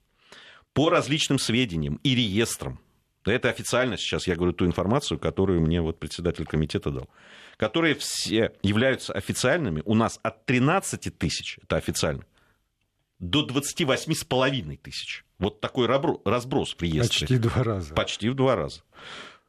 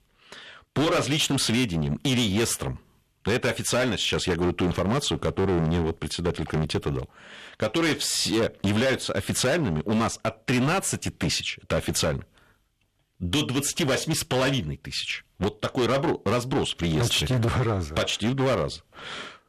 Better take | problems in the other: first | distortion; heavy; 15% of the sound clipped

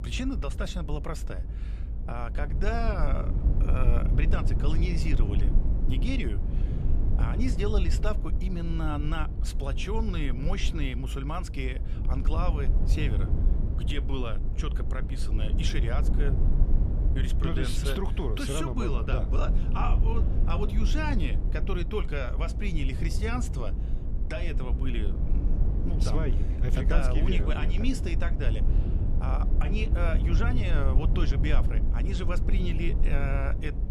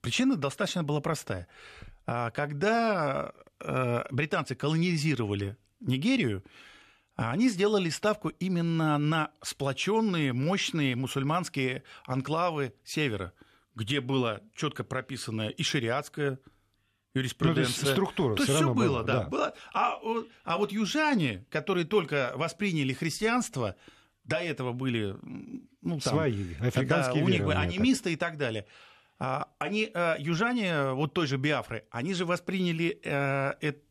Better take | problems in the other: second | low rumble; loud; throughout; 8 dB below the speech

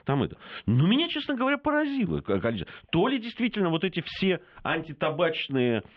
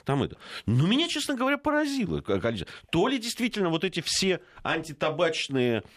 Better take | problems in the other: second | muffled; very; fading above 3 kHz

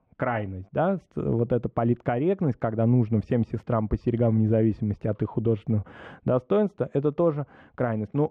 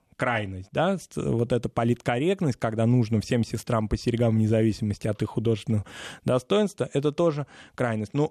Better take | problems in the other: second | muffled; very; fading above 3.5 kHz

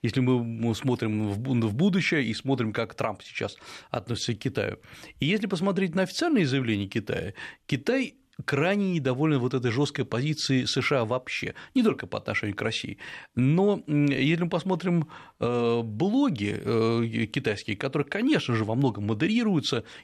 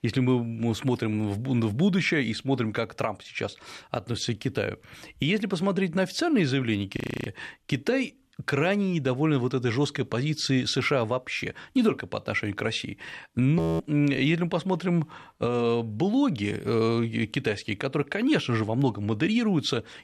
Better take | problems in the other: first | audio freezing; at 7 s and at 14 s

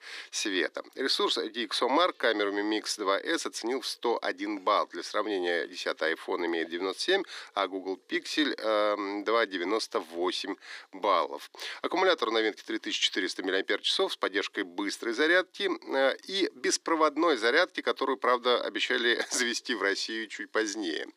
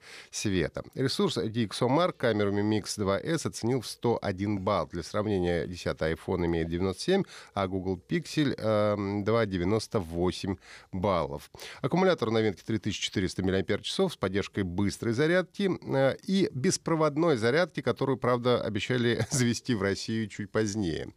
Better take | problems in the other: second | thin; somewhat; fading below 300 Hz

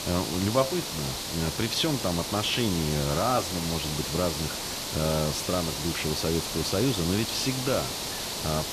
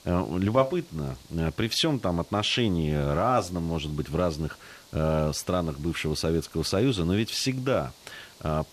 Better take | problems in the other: second | hiss; loud; throughout; 2 dB below the speech; faint in the second

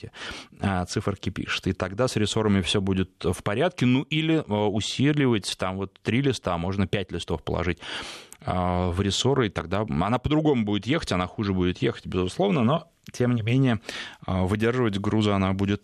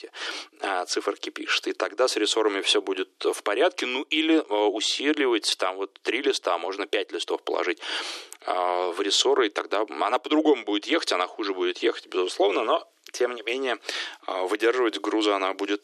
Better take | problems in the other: first | thin; very; fading below 300 Hz

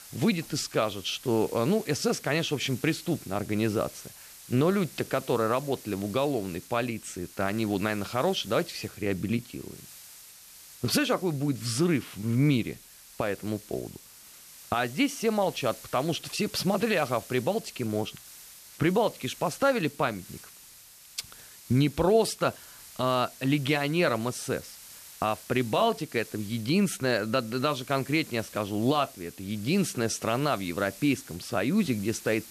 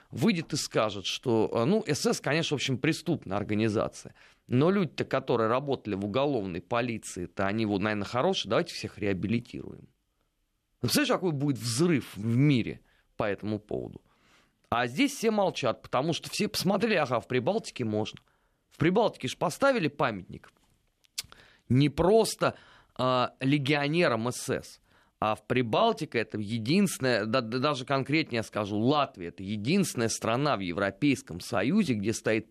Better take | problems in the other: second | hiss; noticeable; throughout; 20 dB below the speech

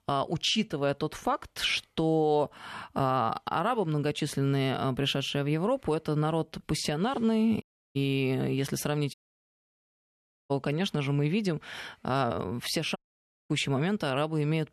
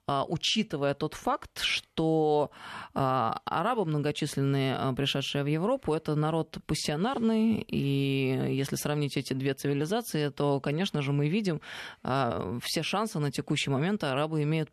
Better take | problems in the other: second | audio cutting out; at 7.5 s, at 9 s for 1.5 s and at 13 s for 0.5 s

